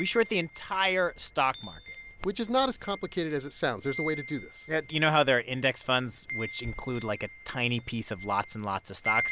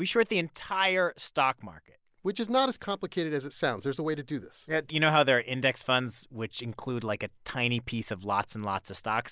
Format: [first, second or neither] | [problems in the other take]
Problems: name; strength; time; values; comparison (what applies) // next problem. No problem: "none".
second | background sound (Wind chime); 11 dB below the speech